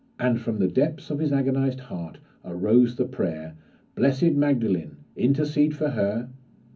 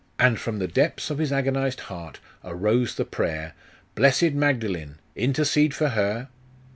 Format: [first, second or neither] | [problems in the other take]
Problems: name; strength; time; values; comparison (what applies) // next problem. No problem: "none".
second | room echo; dies away in 0.4 s